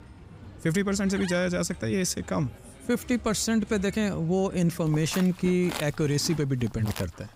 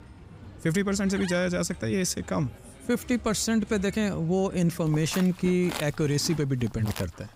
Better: neither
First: animal sounds; noticeable; throughout; 15 dB below the speech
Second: animal sounds; noticeable; throughout; 15 dB below the speech

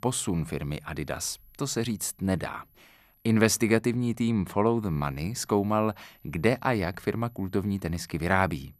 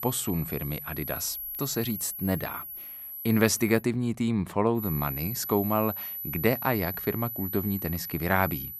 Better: first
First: high-pitched whine; faint; until 4 s and from 5 s on; 12 kHz, 35 dB below the speech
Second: high-pitched whine; loud; until 4 s and from 5 s on; 12 kHz, 6 dB below the speech

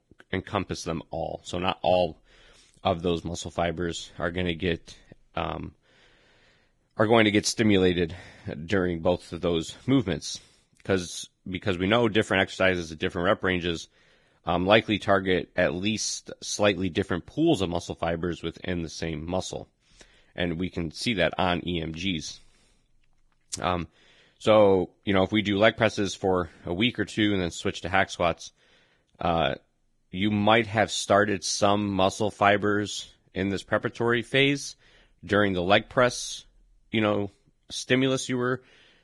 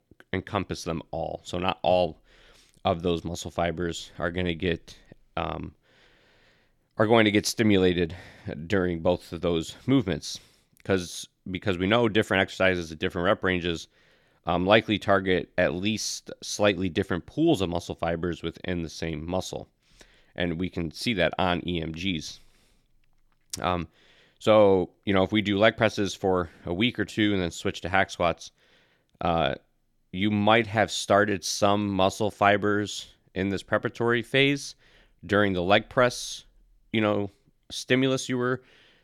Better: second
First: garbled, watery; badly; nothing above 10.5 kHz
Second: none

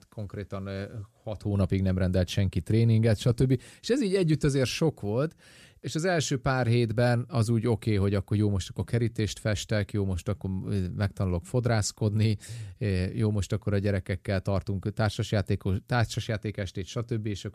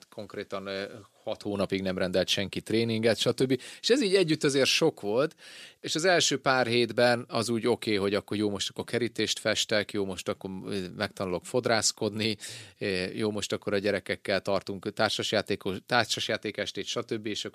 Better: first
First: none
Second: thin; somewhat; fading below 300 Hz

